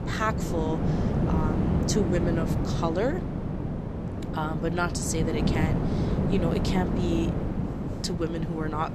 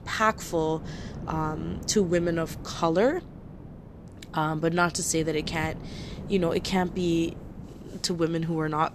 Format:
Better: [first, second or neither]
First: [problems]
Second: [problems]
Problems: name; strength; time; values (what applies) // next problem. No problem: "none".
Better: second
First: wind noise on the microphone; heavy; 2 dB below the speech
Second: wind noise on the microphone; occasional gusts; 20 dB below the speech